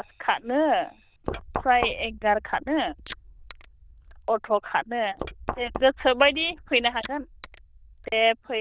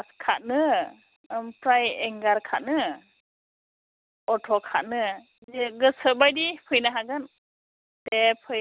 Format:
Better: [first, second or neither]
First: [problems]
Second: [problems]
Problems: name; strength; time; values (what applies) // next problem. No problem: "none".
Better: second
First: noise reduction (neural diffusion model UNIVERSE++)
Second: none